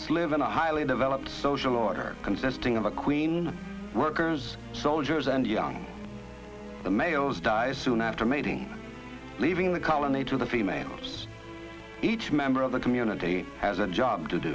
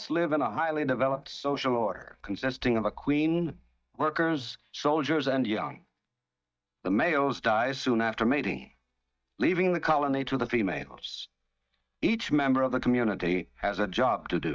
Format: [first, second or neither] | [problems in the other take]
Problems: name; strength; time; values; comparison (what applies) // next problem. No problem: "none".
first | noise reduction (neural mask model DeepFilterNet 3)